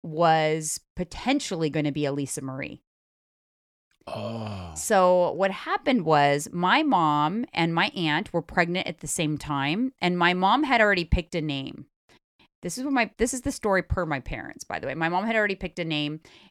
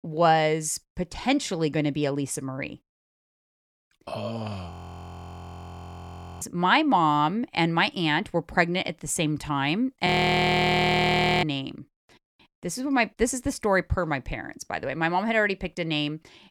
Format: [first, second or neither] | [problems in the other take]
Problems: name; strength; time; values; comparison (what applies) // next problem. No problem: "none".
first | audio freezing; at 4.5 s for 1.5 s and at 10 s for 1.5 s